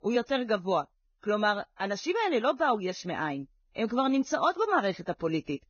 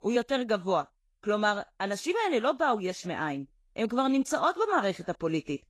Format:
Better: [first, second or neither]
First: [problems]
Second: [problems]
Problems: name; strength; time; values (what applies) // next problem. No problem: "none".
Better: second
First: garbled, watery; badly; nothing above 6.5 kHz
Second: garbled, watery; slightly; nothing above 12.5 kHz